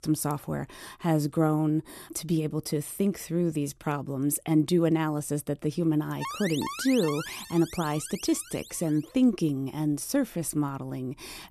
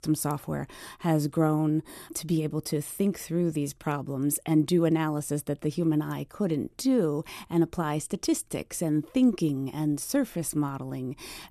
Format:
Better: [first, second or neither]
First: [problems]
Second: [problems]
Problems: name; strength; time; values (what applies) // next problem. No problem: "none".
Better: second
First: alarm; noticeable; from 6 to 9 s; peak 6 dB below the speech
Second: none